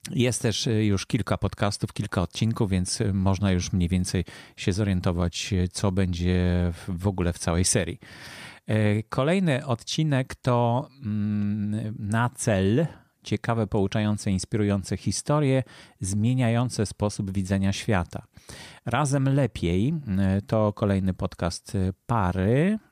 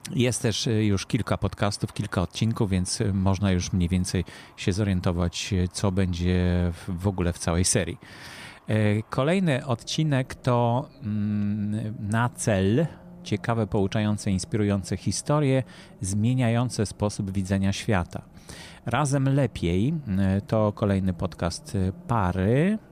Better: first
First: none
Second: traffic noise; faint; throughout; 25 dB below the speech

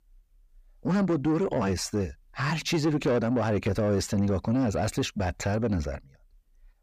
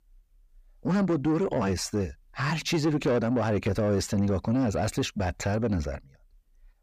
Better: neither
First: distortion; slight; 10 dB below the speech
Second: distortion; slight; 10 dB below the speech

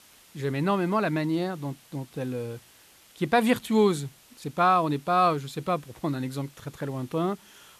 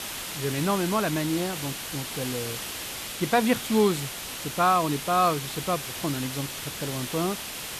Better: first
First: hiss; faint; throughout; 25 dB below the speech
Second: hiss; loud; throughout; 6 dB below the speech

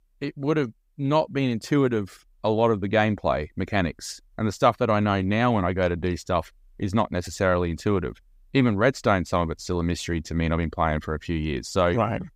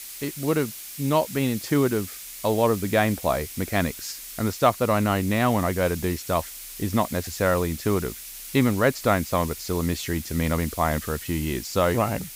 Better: first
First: none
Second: hiss; noticeable; throughout; 10 dB below the speech

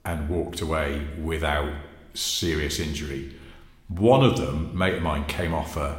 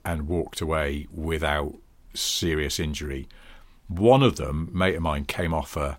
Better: second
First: room echo; slight; dies away in 0.9 s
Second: none

